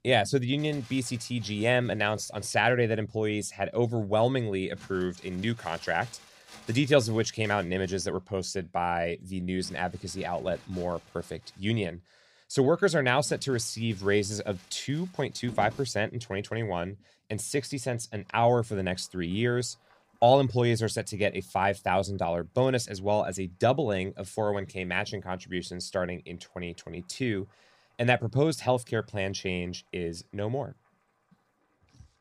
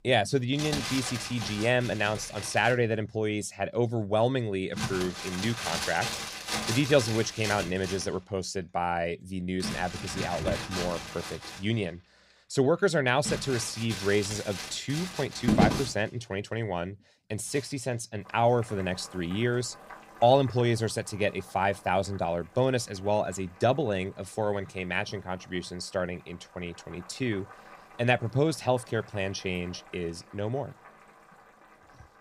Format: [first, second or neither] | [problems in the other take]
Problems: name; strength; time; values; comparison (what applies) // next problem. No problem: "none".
first | household noises; loud; throughout; 5 dB below the speech; faint in the first